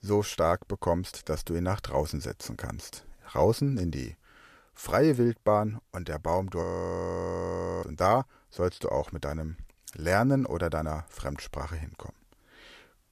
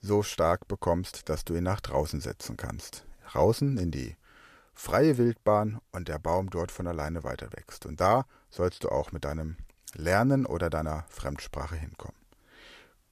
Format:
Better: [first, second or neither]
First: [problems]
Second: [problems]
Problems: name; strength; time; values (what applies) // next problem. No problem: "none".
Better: second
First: audio freezing; at 6.5 s for 1 s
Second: none